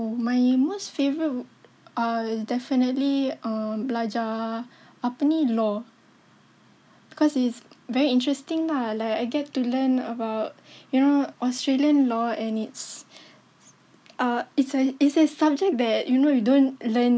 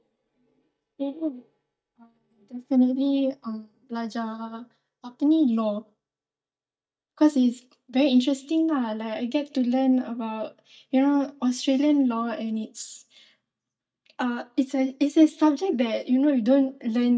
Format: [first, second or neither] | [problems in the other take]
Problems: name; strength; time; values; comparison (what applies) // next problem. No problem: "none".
first | noise reduction (neural mask model DeepFilterNet 3)